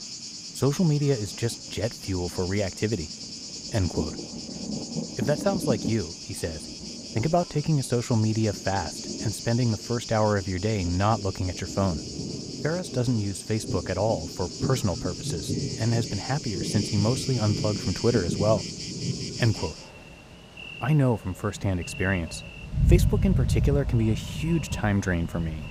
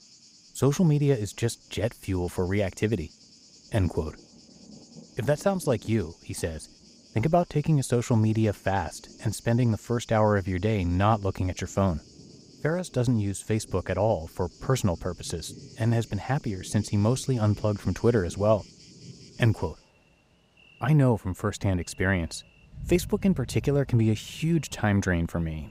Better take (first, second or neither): second